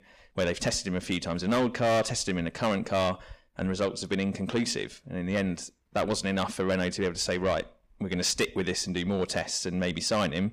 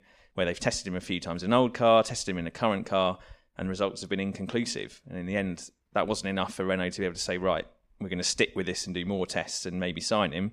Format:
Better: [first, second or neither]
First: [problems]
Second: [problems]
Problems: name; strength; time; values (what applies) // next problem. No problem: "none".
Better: second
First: distortion; heavy; 8 dB below the speech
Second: none